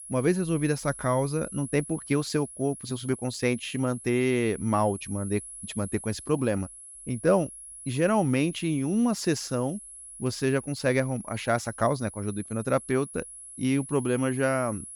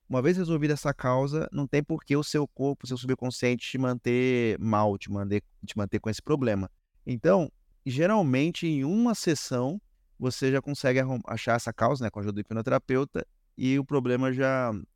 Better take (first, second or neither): second